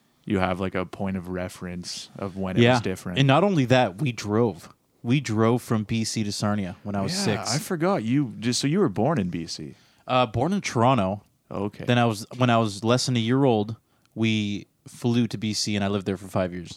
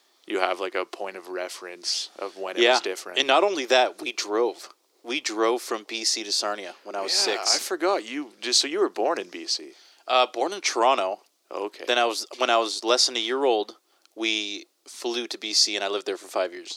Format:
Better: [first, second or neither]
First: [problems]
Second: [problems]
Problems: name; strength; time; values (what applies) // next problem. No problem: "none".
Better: first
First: none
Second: thin; very; fading below 350 Hz